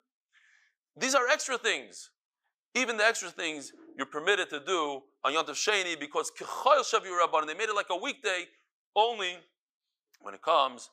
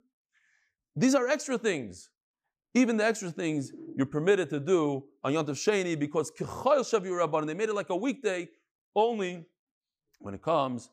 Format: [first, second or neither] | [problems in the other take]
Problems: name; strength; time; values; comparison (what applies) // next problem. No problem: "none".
second | thin; very; fading below 700 Hz